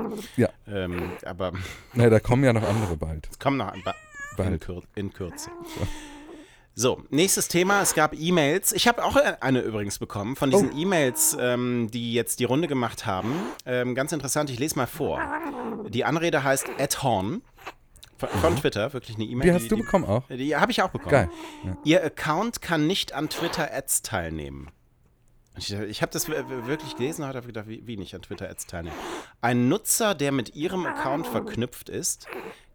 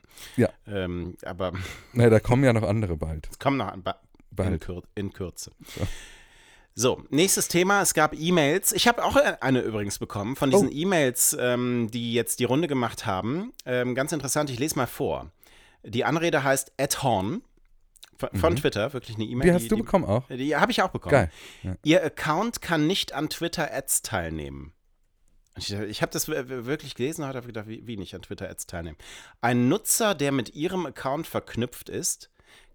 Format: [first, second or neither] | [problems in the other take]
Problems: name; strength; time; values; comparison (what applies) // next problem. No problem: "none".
second | hiss; noticeable; throughout; 15 dB below the speech